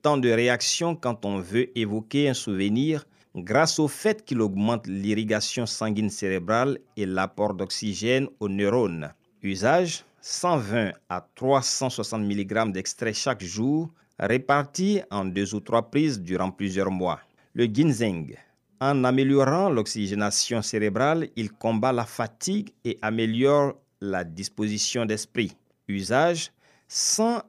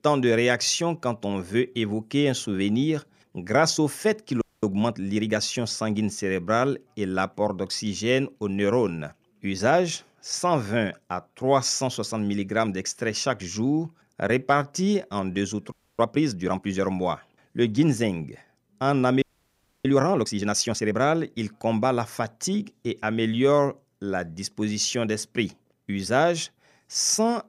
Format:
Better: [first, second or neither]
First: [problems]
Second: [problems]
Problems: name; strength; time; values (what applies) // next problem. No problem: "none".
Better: first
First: none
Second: audio freezing; at 4.5 s, at 16 s and at 19 s for 0.5 s